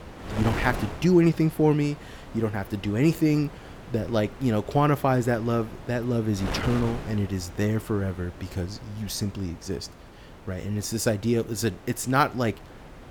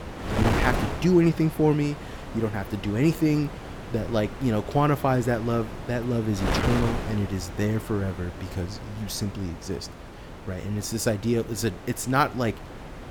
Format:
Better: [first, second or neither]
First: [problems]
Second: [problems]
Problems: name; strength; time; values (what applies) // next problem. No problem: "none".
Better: first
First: wind noise on the microphone; occasional gusts; 15 dB below the speech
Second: wind noise on the microphone; heavy; 7 dB below the speech